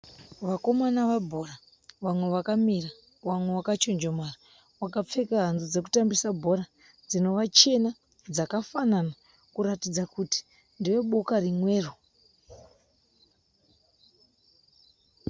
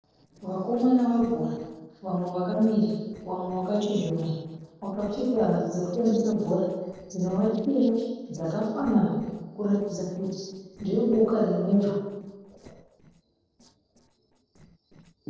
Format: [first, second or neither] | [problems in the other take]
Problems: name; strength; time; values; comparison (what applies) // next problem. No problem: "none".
first | noise reduction (neural separator model SepFormer DNS4)